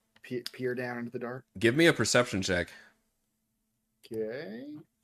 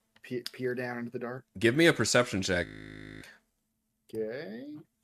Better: first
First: none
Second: audio freezing; at 2.5 s for 0.5 s

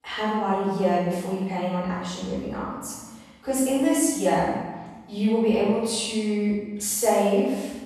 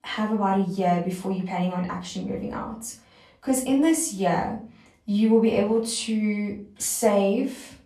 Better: second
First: room echo; strong; dies away in 1.1 s // off-mic speech; far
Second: room echo; slight; dies away in 0.4 s // off-mic speech; far

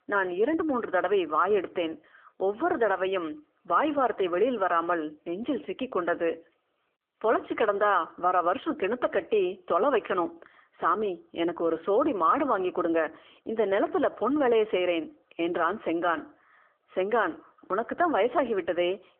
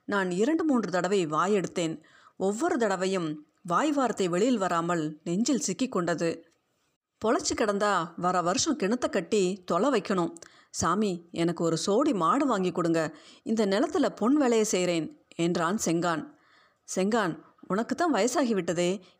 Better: second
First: phone-call audio; nothing above 3 kHz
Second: none

